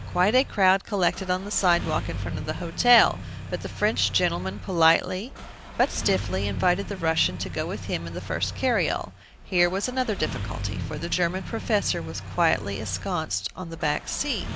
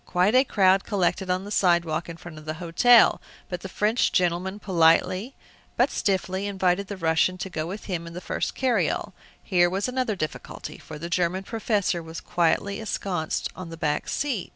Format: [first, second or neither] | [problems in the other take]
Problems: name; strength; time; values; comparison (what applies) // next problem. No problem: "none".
second | background sound (Engine starting); 8 dB below the speech